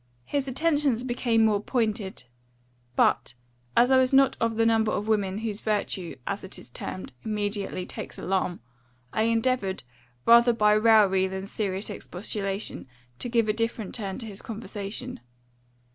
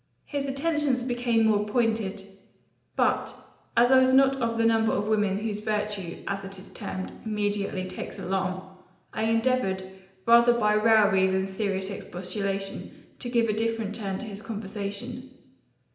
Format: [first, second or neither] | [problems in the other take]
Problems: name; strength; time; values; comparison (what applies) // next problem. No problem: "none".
first | room echo; dies away in 0.8 s